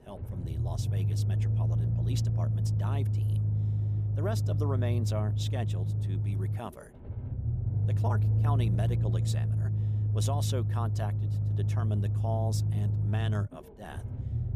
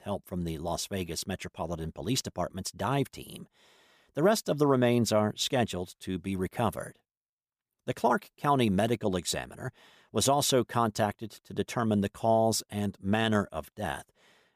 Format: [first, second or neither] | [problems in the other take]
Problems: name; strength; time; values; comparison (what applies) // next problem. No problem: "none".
second | low rumble; loud; throughout; 3 dB below the speech